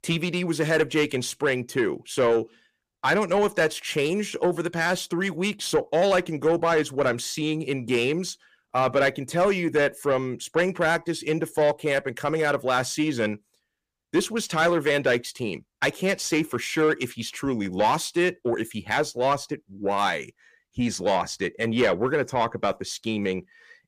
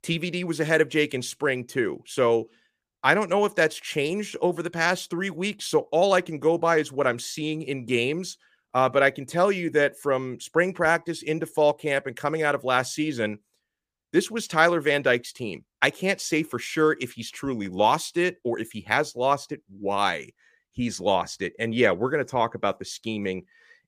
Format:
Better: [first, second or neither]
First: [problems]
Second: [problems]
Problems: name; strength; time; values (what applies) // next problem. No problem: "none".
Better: second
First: distortion; slight; 10 dB below the speech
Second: none